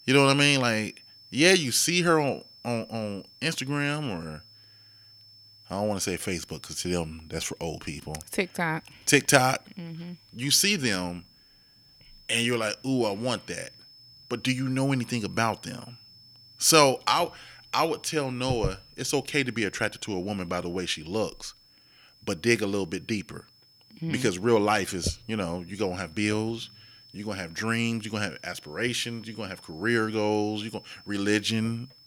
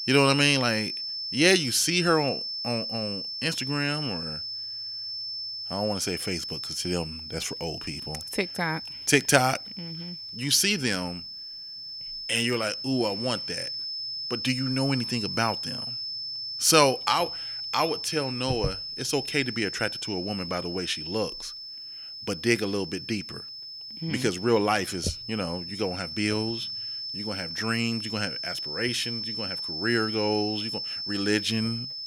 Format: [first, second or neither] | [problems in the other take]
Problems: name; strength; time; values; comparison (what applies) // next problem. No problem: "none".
first | high-pitched whine; loud; throughout; 5.5 kHz, 5 dB below the speech; faint in the first